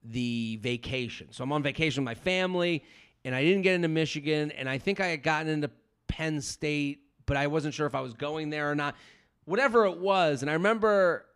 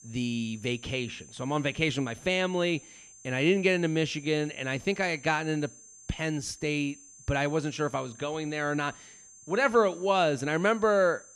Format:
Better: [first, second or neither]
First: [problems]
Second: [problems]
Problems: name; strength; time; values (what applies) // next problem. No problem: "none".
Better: first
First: none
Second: high-pitched whine; faint; throughout; 6.5 kHz, 20 dB below the speech